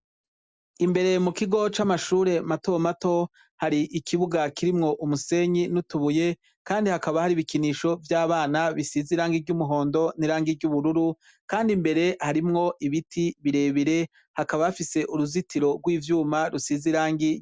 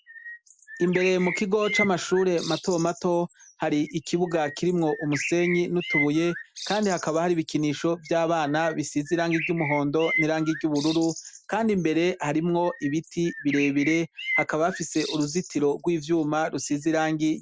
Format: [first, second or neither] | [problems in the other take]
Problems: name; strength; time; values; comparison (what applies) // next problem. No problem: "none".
first | background sound (Bird); 10 dB below the speech